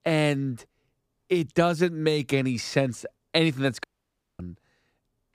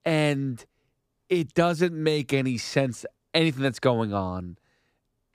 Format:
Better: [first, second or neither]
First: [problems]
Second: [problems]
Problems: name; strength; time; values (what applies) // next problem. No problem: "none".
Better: second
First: audio cutting out; at 4 s for 0.5 s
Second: none